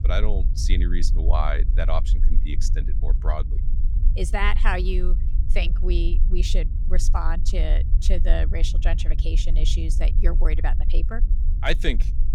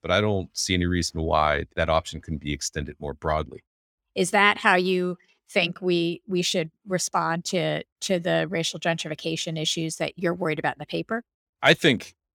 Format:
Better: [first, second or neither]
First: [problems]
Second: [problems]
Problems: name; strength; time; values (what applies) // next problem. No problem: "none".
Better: second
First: low rumble; noticeable; throughout; 15 dB below the speech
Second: none